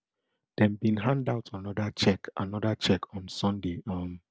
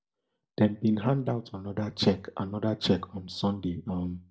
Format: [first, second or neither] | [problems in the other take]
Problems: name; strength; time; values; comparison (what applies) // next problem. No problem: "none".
first | room echo; dies away in 0.2 s